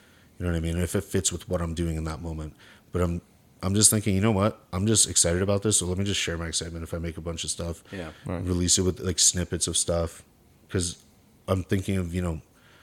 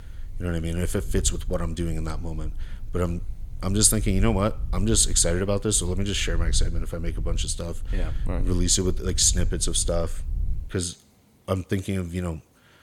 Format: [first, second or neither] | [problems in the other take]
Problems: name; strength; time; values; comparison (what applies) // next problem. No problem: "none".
first | low rumble; faint; until 11 s; 25 dB below the speech